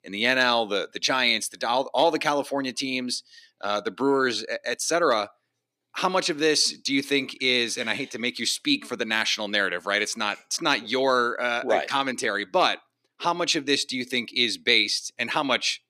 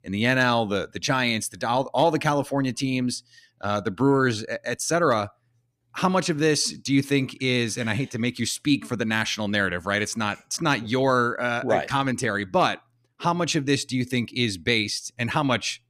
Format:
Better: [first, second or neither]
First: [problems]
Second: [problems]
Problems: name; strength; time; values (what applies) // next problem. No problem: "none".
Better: second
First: thin; very slightly; fading below 350 Hz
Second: none